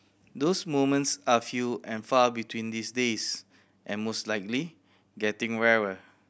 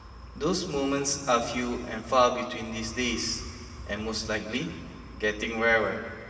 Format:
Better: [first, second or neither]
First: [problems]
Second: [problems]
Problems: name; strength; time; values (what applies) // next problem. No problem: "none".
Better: first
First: none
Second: background sound (Wind); 15 dB below the speech // room echo; dies away in 2 s